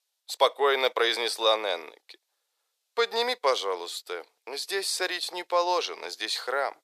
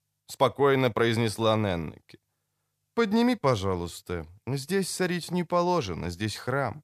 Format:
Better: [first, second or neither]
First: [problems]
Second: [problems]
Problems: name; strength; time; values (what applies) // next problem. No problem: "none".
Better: second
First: thin; very; fading below 450 Hz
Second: none